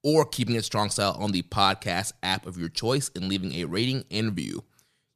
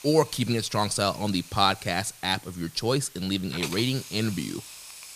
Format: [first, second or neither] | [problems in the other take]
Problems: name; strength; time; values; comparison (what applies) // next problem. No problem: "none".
first | hiss; noticeable; throughout; 15 dB below the speech